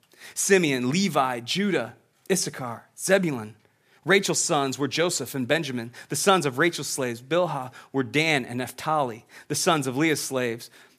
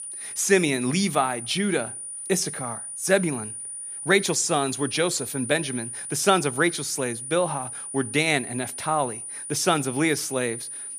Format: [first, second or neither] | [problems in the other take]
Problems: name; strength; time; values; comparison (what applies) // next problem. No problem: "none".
first | high-pitched whine; loud; throughout; 9.5 kHz, 8 dB below the speech